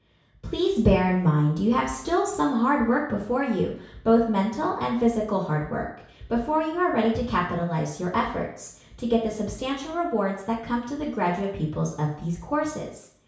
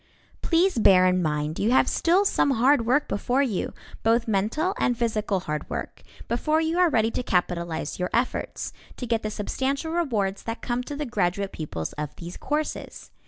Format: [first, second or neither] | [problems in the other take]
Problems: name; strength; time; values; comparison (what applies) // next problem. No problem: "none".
second | room echo; dies away in 0.6 s